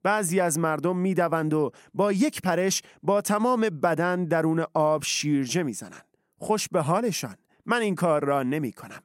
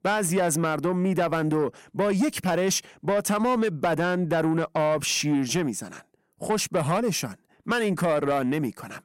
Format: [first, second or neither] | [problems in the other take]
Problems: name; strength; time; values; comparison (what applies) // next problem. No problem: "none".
first | distortion; slight; 10 dB below the speech